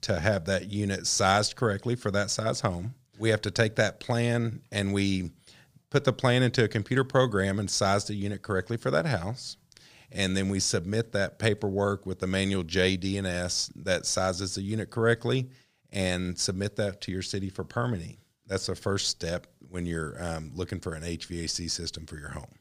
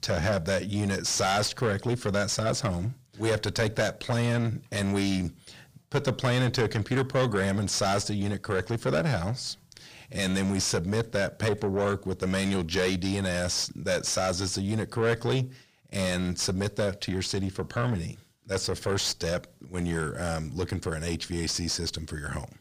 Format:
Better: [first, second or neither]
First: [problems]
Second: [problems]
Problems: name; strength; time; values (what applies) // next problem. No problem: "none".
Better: first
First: none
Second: distortion; heavy; 7 dB below the speech